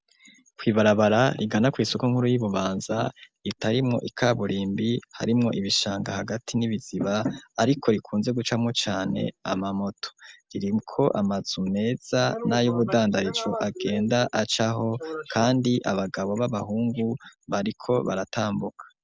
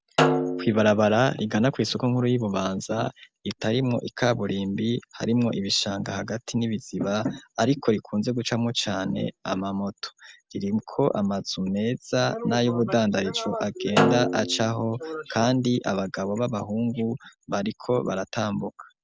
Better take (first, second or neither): first